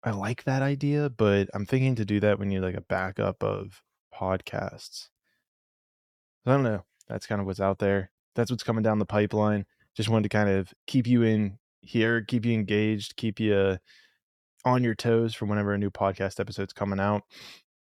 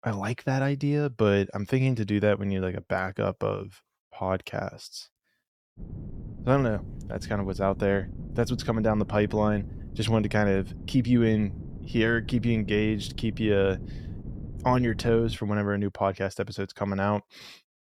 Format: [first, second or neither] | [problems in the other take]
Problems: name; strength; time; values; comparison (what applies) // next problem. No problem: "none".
first | wind noise on the microphone; occasional gusts; from 6 to 15 s; 20 dB below the speech